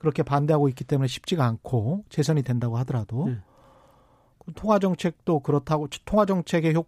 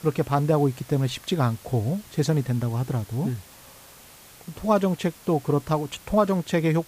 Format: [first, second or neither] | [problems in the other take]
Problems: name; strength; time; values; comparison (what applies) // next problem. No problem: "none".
first | hiss; faint; throughout; 20 dB below the speech